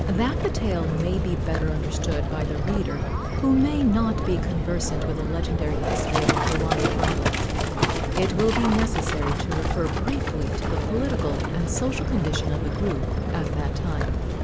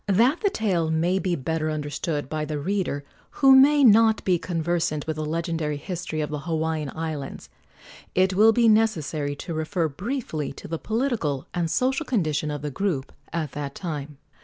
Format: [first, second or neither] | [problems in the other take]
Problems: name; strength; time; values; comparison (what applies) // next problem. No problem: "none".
second | background sound (Livestock, farm animals, working animals); 3 dB above the speech